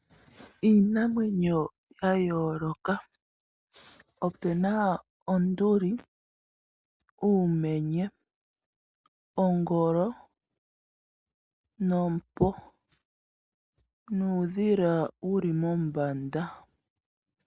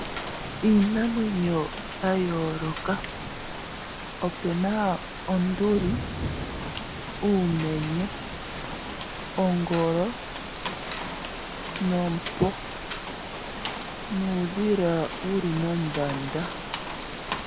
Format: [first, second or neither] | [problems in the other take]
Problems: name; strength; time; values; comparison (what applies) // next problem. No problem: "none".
first | background sound (Rain); 7 dB below the speech